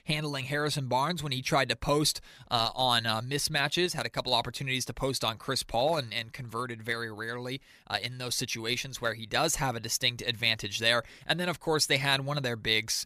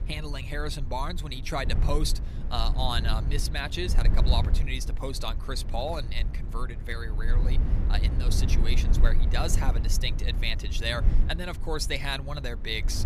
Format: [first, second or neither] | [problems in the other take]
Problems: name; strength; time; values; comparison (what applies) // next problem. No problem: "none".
first | low rumble; noticeable; throughout; 10 dB below the speech